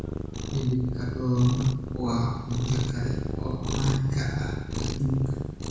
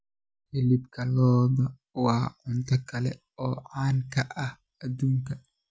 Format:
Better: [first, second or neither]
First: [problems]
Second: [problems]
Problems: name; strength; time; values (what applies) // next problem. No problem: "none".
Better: second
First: background sound (Cat); 4 dB below the speech // room echo; dies away in 1 s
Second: none